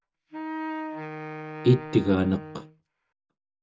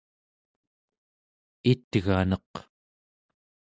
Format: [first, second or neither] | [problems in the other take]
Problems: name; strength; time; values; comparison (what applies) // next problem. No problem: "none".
second | background sound (Wind instrument, woodwind instrument); 9 dB below the speech // room echo; dies away in 0.2 s